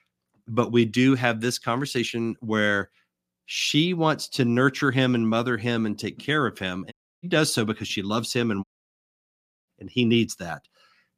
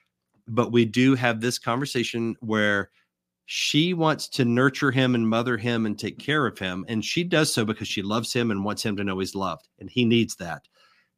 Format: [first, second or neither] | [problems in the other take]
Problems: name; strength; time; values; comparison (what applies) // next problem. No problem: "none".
second | audio cutting out; at 7 s and at 8.5 s for 1 s